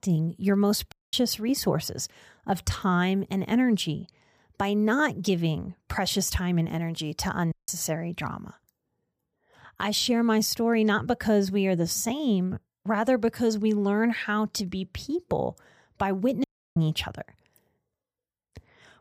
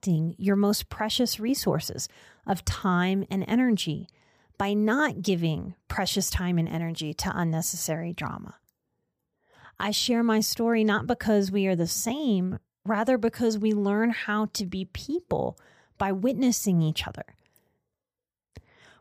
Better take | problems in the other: second | audio cutting out; at 1 s, at 7.5 s and at 16 s

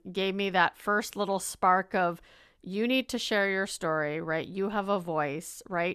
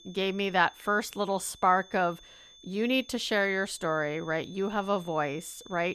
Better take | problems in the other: first | high-pitched whine; faint; throughout; 3.5 kHz, 20 dB below the speech

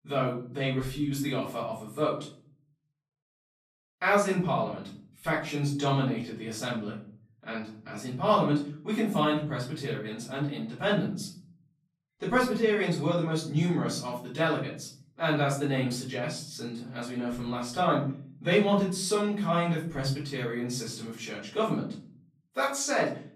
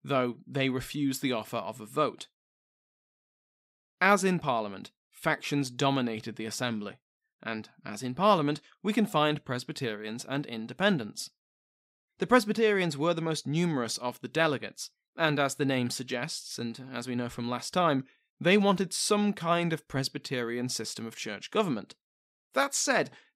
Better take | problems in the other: second | off-mic speech; far // room echo; noticeable; dies away in 0.6 s

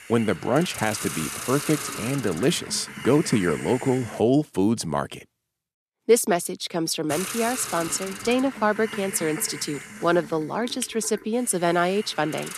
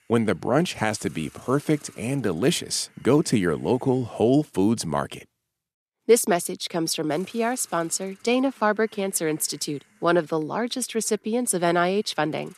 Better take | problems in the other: second | hiss; loud; until 4 s and from 7 s on; 10 dB below the speech; faint in the second

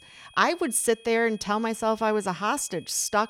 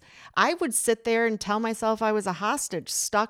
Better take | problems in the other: second | high-pitched whine; faint; throughout; 3.5 kHz, 25 dB below the speech

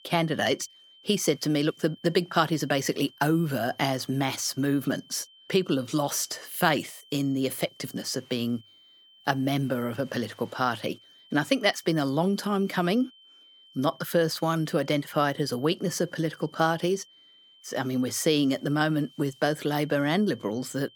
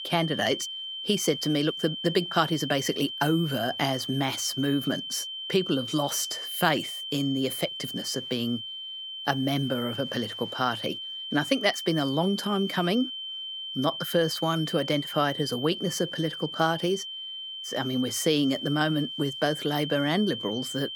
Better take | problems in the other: first | high-pitched whine; loud; throughout; 3 kHz, 6 dB below the speech; faint in the first

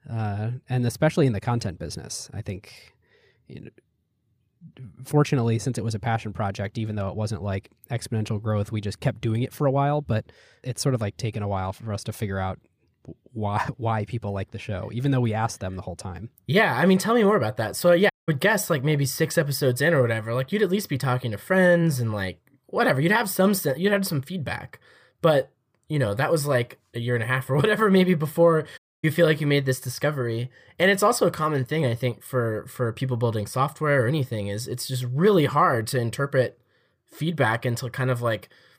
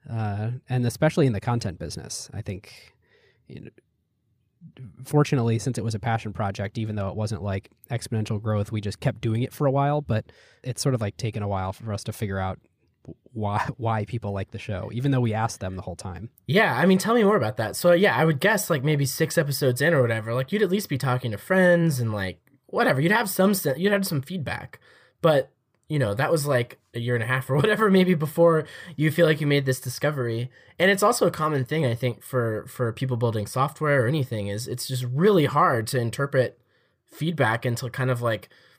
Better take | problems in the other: second | audio cutting out; at 18 s and at 29 s

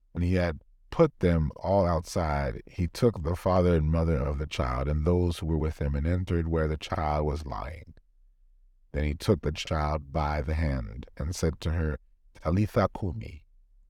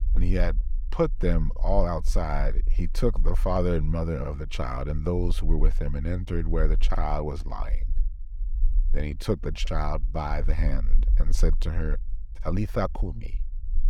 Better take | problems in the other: first | low rumble; faint; throughout; 25 dB below the speech

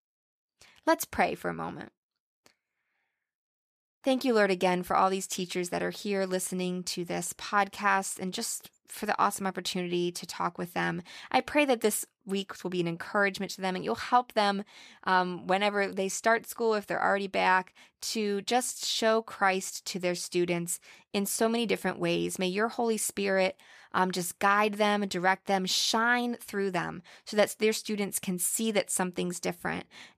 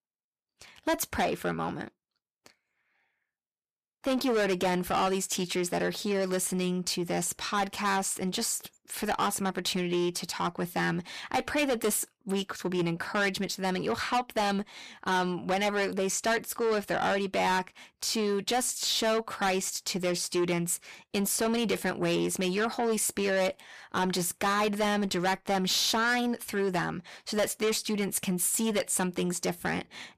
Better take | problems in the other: first | distortion; heavy; 7 dB below the speech

